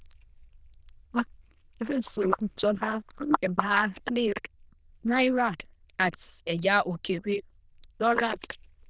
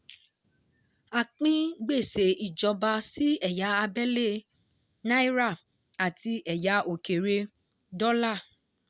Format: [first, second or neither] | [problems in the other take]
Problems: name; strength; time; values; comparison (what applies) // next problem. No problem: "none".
second | noise reduction (neural diffusion model UNIVERSE++)